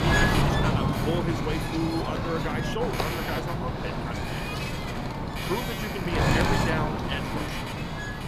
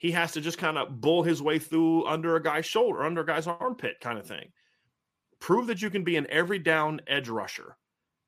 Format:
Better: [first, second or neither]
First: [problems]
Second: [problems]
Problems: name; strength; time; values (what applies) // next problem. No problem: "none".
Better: second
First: wind noise on the microphone; heavy; 4 dB above the speech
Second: none